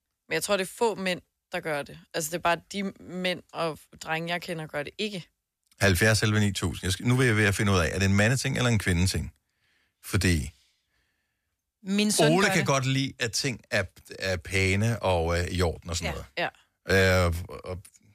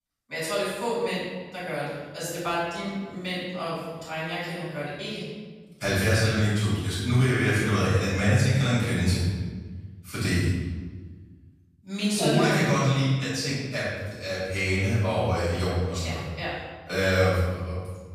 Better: first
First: none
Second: off-mic speech; far // room echo; strong; dies away in 1.3 s

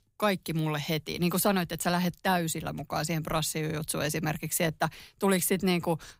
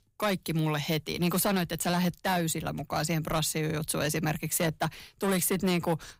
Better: first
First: none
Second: distortion; slight; 6% of the sound clipped

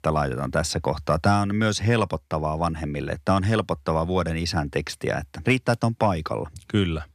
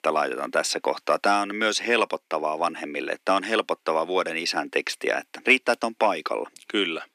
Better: first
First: none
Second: thin; somewhat; fading below 300 Hz

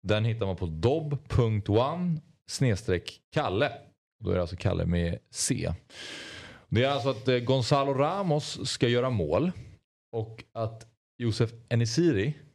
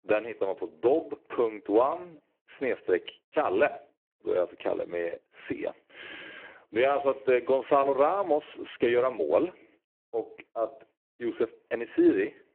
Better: first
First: none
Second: phone-call audio; poor line

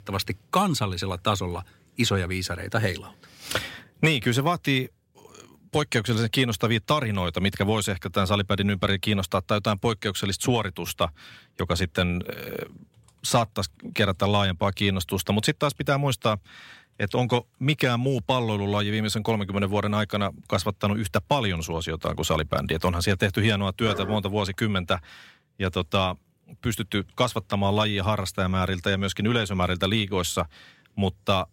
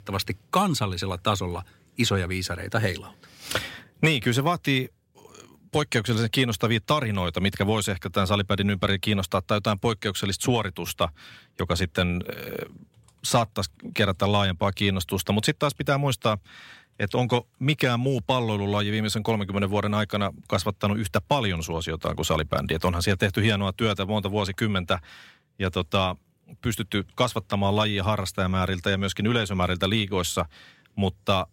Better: second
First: door banging; noticeable; at 24 s; peak 9 dB below the speech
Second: none

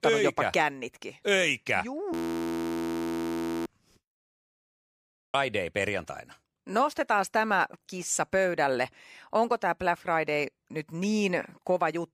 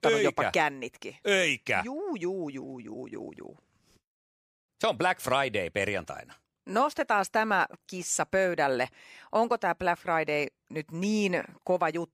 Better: second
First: audio freezing; at 2 s for 1.5 s and at 4.5 s for 1 s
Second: none

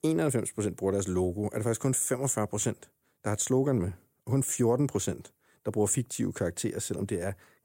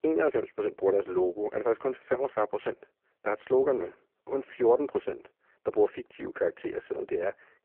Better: first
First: none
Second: phone-call audio; poor line

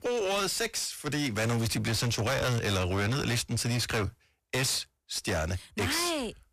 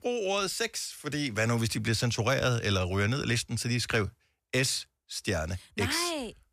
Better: second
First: distortion; heavy; 25% of the sound clipped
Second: none

